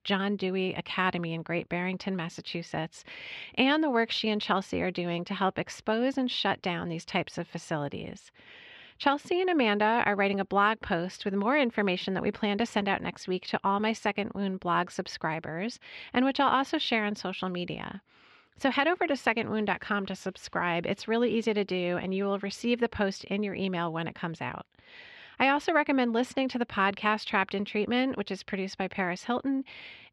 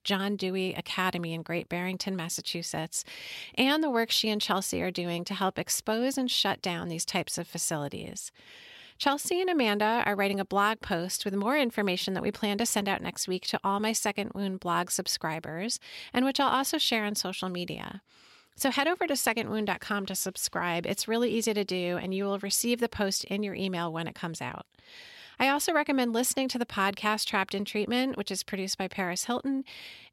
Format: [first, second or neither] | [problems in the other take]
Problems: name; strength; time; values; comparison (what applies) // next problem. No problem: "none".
second | muffled; slightly; fading above 2.5 kHz